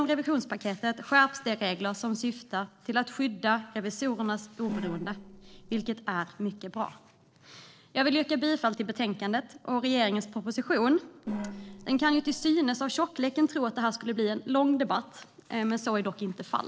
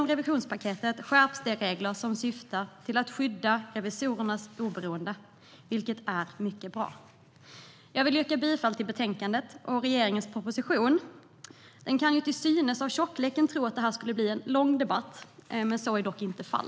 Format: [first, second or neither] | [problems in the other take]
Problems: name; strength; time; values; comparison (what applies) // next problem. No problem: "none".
second | noise reduction (neural separator model SepFormer DNS4)